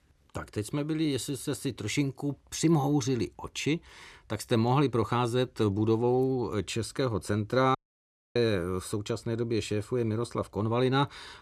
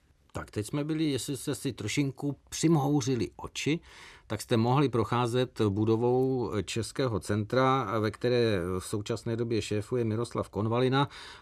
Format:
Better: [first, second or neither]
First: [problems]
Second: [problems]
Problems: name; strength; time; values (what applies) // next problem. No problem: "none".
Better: second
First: audio cutting out; at 8 s for 0.5 s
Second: none